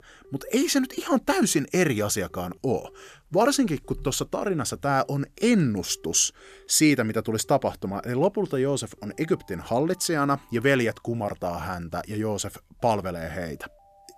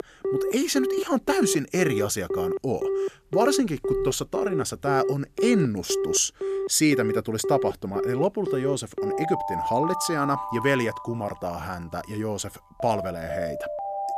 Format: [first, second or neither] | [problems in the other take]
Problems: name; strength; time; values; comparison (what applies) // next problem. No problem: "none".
first | alarms or sirens; loud; throughout; 3 dB below the speech; faint in the first